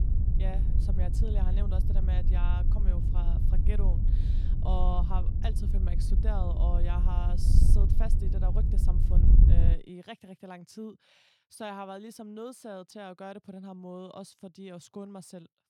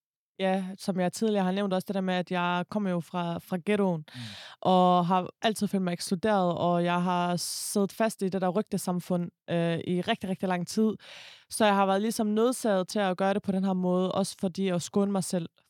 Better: second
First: wind noise on the microphone; heavy; until 9.5 s; 3 dB below the speech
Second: none

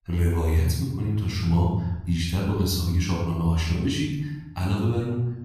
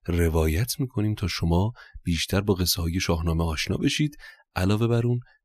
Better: second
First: off-mic speech; far // room echo; noticeable; dies away in 1 s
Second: none

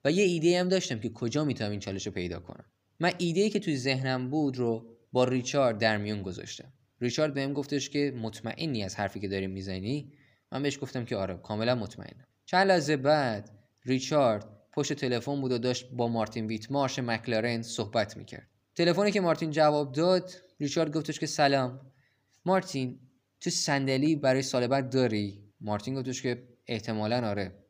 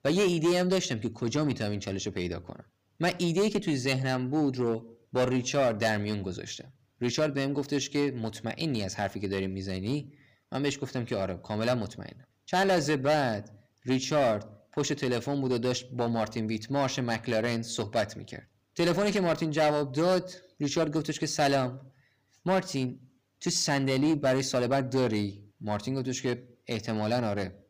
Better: first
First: none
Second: distortion; slight; 6% of the sound clipped

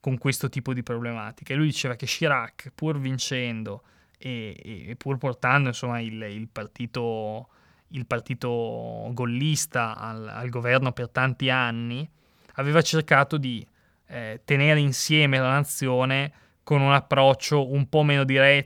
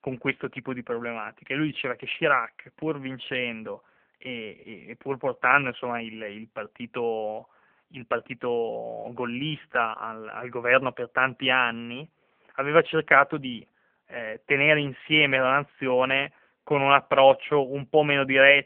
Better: first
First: none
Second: phone-call audio; poor line; nothing above 3 kHz

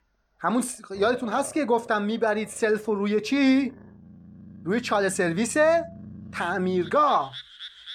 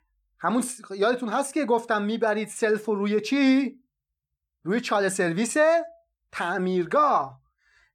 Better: second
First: animal sounds; noticeable; throughout; 20 dB below the speech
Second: none

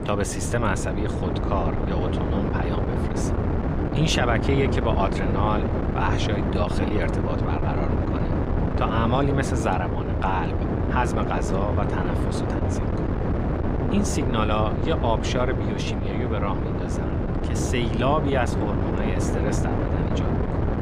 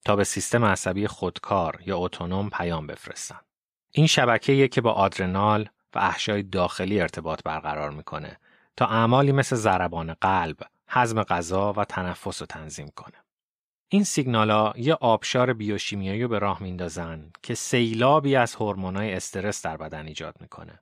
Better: second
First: wind noise on the microphone; heavy; 3 dB below the speech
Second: none

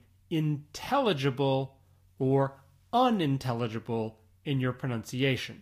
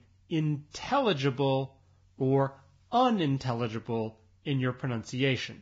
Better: first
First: garbled, watery; slightly; nothing above 15.5 kHz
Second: garbled, watery; badly; nothing above 7.5 kHz

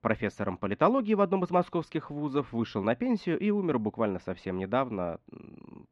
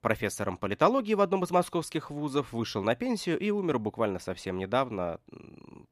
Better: second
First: muffled; slightly; fading above 3 kHz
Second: none

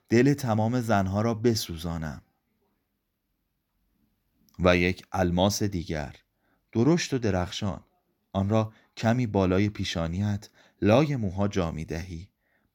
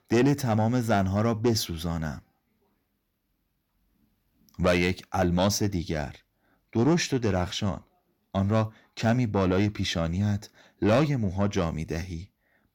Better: first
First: none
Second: distortion; slight; 10 dB below the speech

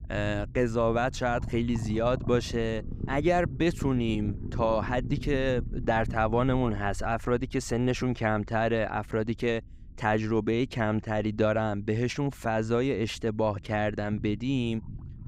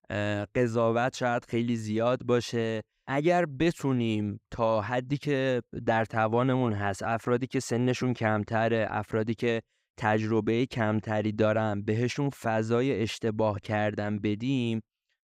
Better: second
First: low rumble; noticeable; throughout; 20 dB below the speech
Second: none

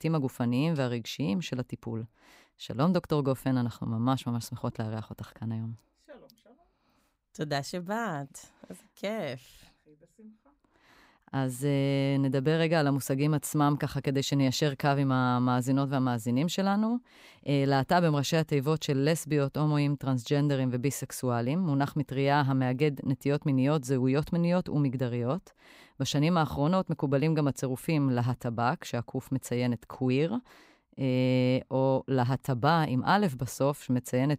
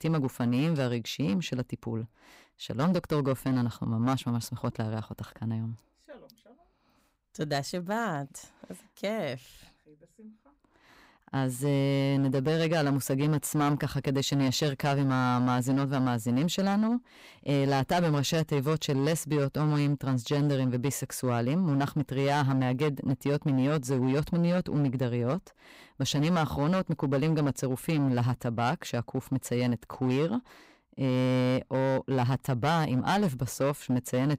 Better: first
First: none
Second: distortion; slight; 10% of the sound clipped

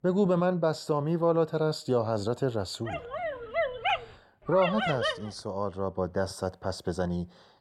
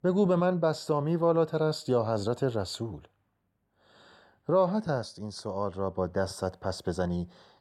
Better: second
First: dog barking; loud; from 3 to 5 s; peak 1 dB above the speech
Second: none

